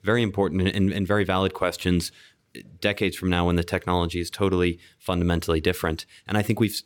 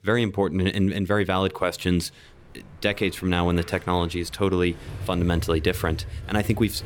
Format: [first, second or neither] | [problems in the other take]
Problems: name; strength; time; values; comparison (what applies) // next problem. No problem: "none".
first | traffic noise; noticeable; throughout; 15 dB below the speech